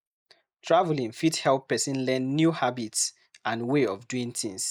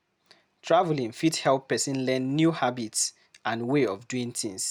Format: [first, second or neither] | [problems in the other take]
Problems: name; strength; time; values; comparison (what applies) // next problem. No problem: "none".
second | noise reduction (neural mask model Resemble Enhance denoiser)